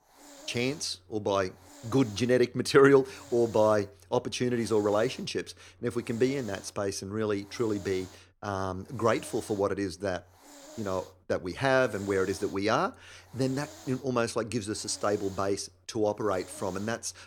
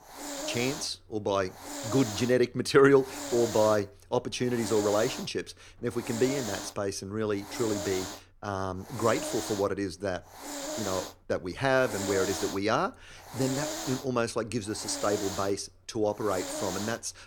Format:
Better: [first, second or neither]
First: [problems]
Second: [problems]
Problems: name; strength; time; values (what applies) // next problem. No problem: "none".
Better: first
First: hiss; faint; throughout; 20 dB below the speech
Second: hiss; loud; throughout; 7 dB below the speech